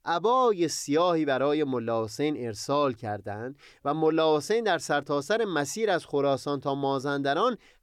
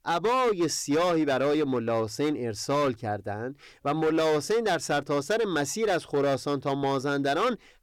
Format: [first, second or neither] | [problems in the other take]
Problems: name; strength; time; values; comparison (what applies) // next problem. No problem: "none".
first | distortion; slight; 13% of the sound clipped